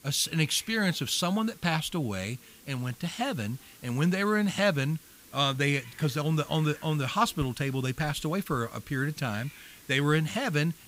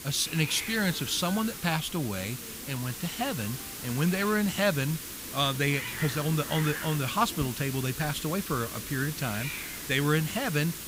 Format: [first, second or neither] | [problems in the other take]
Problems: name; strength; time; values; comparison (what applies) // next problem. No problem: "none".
first | hiss; loud; throughout; 7 dB below the speech; faint in the first